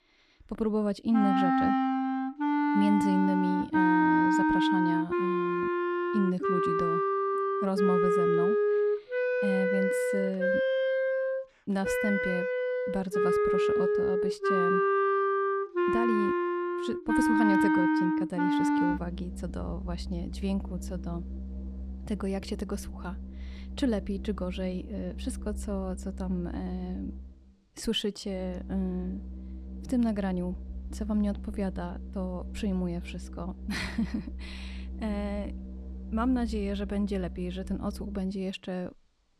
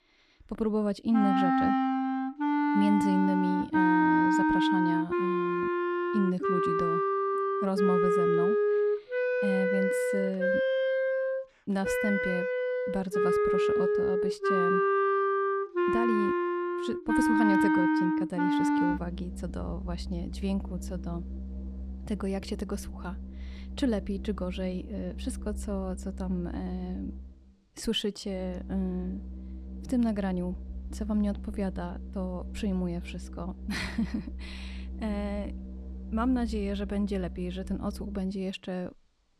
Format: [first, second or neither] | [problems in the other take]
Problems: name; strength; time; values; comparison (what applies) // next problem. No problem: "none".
neither | background music; very loud; throughout; 5 dB above the speech; the same in both